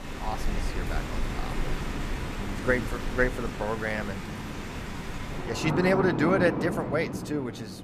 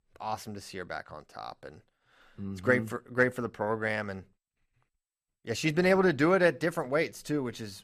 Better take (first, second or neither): second